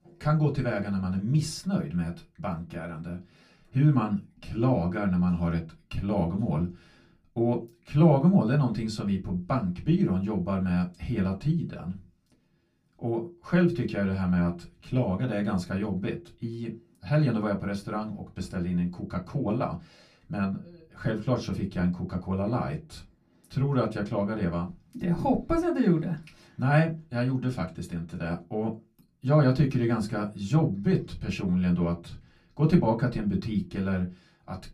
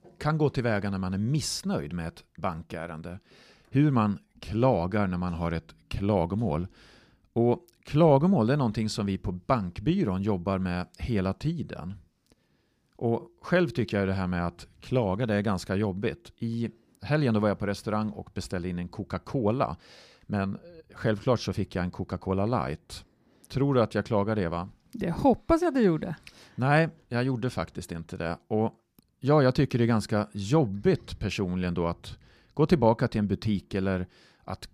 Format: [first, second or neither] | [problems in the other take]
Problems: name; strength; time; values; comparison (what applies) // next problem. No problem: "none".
second | off-mic speech; far // room echo; very slight; dies away in 0.2 s